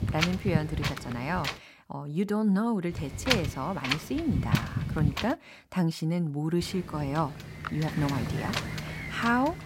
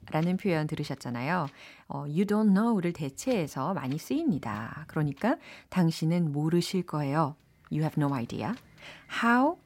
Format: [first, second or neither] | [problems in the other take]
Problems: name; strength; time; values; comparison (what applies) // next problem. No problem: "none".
second | wind noise on the microphone; heavy; until 1.5 s, from 3 to 5.5 s and from 6.5 s on; 1 dB below the speech; occasional gusts in the second